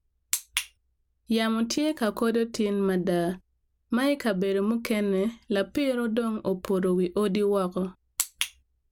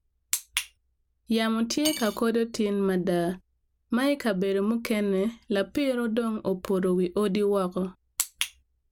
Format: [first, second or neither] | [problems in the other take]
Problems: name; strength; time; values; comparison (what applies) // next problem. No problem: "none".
first | background sound (Cutlery, silverware / Dishes, pots, and pans); 11 dB below the speech